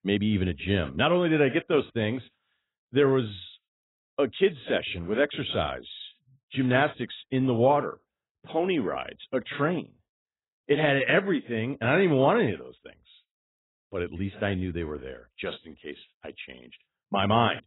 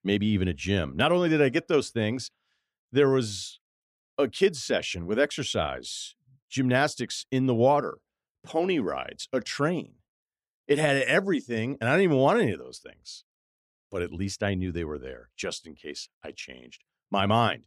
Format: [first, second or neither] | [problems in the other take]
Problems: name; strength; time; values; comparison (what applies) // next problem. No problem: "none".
second | garbled, watery; badly; nothing above 4 kHz